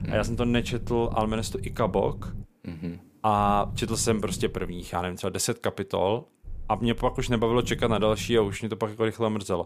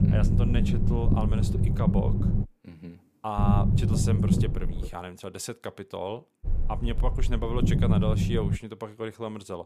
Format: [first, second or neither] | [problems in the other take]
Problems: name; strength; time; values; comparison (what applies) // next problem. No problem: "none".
first | low rumble; loud; until 2.5 s, from 3.5 to 5 s and from 6.5 to 8.5 s; 1 dB below the speech; faint in the first